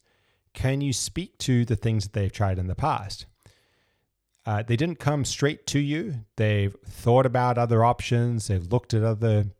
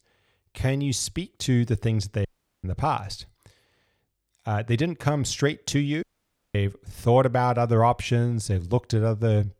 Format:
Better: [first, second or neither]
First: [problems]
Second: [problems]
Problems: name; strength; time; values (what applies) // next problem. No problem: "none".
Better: first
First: none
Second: audio cutting out; at 2.5 s and at 6 s for 0.5 s